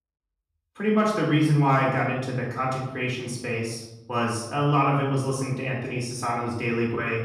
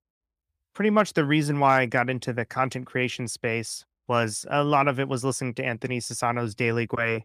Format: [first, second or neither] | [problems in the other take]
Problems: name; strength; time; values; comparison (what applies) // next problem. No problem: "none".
second | off-mic speech; far // room echo; noticeable; dies away in 0.9 s